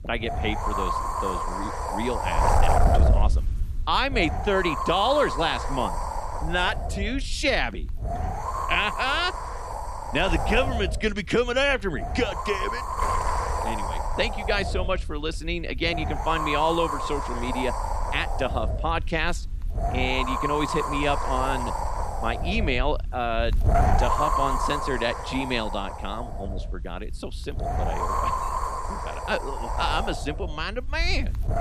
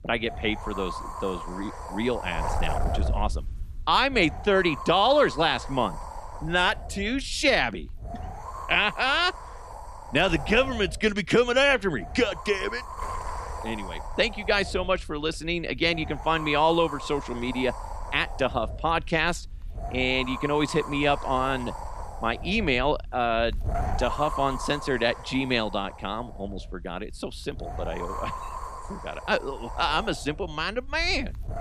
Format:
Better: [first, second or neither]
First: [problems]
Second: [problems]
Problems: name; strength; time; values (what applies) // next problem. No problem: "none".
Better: second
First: wind noise on the microphone; heavy; 1 dB below the speech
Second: wind noise on the microphone; occasional gusts; 10 dB below the speech